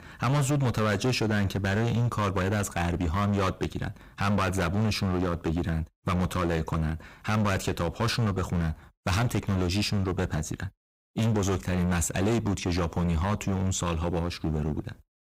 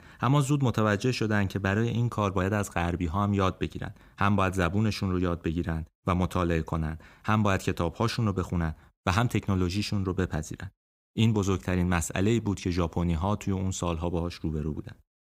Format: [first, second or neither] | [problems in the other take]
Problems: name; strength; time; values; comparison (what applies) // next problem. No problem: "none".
second | distortion; heavy; 16% of the sound clipped